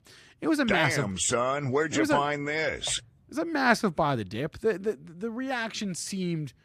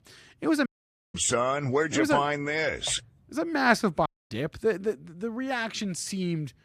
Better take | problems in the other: first | audio cutting out; at 0.5 s and at 4 s

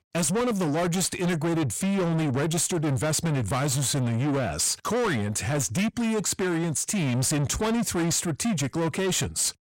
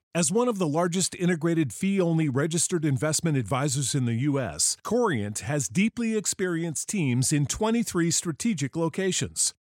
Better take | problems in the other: second | distortion; heavy; 8 dB below the speech

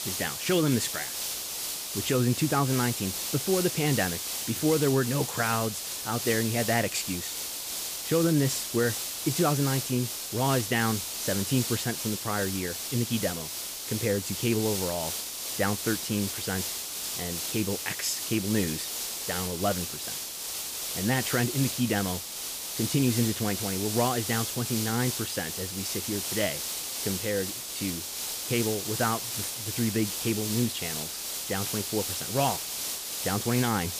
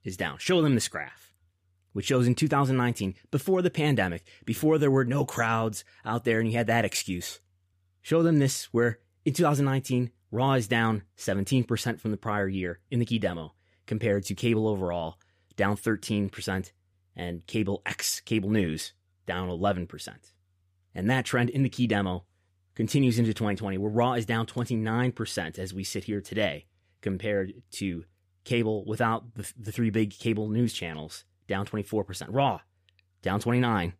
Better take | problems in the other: second | hiss; loud; throughout; 2 dB below the speech

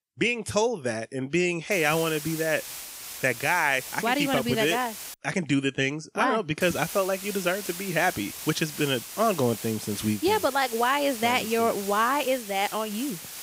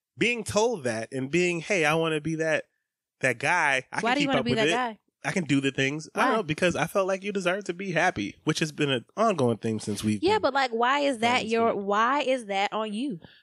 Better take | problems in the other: second | hiss; noticeable; from 1.5 to 5 s and from 6.5 s on; 10 dB below the speech

